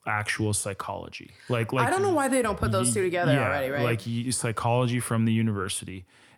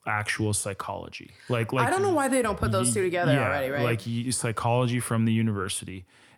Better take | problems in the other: neither | none

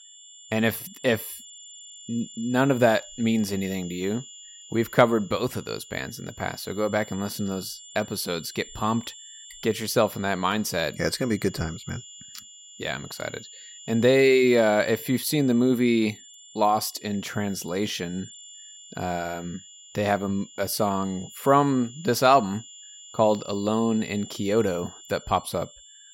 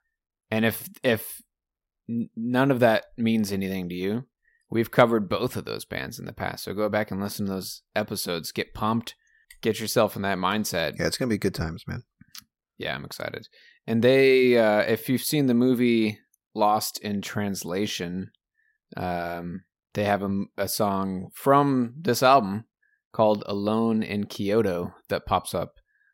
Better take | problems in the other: second | high-pitched whine; noticeable; throughout; 7 kHz, 20 dB below the speech

